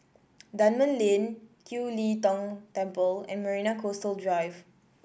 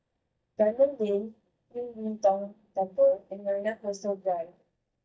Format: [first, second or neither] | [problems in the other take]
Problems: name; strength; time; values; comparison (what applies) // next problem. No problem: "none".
first | noise reduction (neural mask model DeepFilterNet 3)